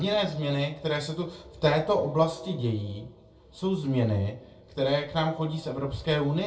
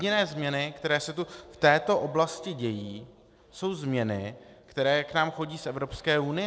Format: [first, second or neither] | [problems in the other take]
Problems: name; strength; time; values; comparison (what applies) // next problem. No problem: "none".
second | room echo; dies away in 0.2 s